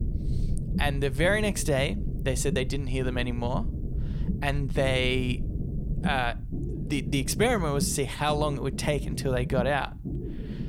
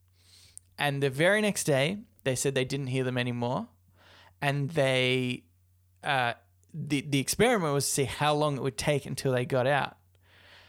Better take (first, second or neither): second